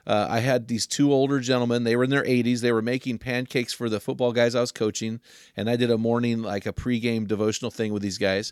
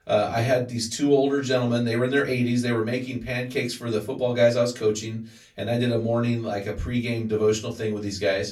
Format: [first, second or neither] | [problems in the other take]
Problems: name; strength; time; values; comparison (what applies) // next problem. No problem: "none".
first | off-mic speech; far // room echo; very slight; dies away in 0.2 s